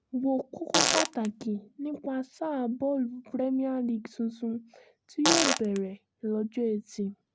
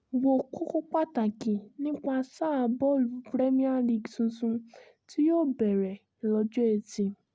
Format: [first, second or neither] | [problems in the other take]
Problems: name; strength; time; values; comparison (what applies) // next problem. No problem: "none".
second | background sound (Fart); 3 dB above the speech